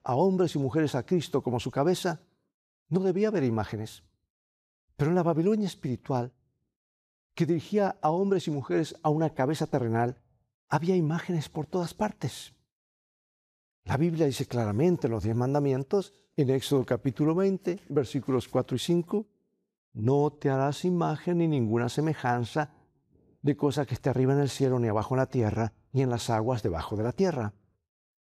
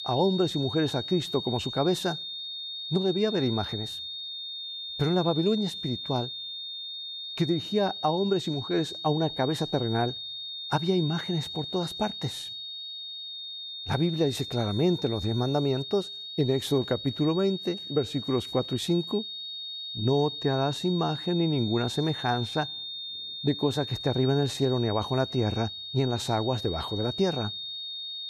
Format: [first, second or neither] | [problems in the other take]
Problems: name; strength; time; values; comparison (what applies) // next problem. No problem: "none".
first | high-pitched whine; loud; throughout; 3.5 kHz, 7 dB below the speech